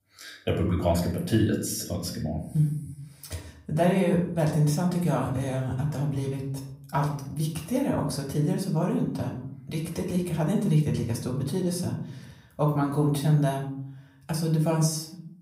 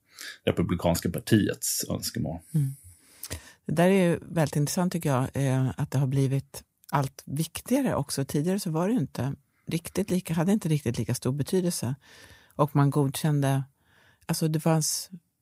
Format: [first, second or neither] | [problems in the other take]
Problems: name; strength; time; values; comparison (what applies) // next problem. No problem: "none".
second | off-mic speech; somewhat distant // room echo; slight; dies away in 0.6 s